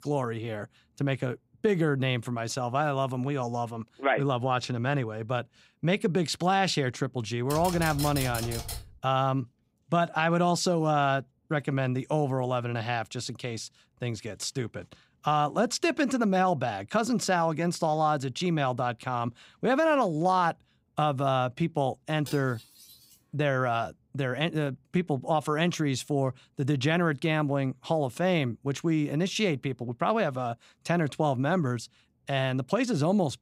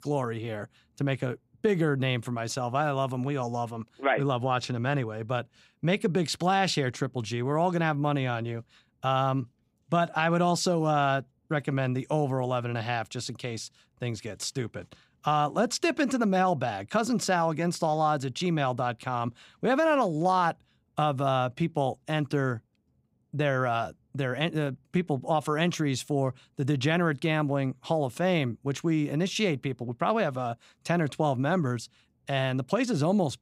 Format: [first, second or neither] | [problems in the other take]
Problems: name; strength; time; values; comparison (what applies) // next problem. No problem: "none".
second | keyboard typing; noticeable; from 7.5 to 9 s; peak 5 dB below the speech // clattering dishes; faint; at 22 s; peak 15 dB below the speech